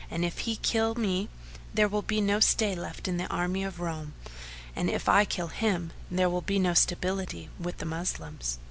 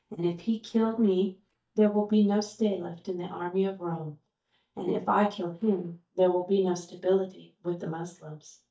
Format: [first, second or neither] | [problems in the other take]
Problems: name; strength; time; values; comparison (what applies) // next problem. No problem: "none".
first | noise reduction (neural mask model DeepFilterNet 3)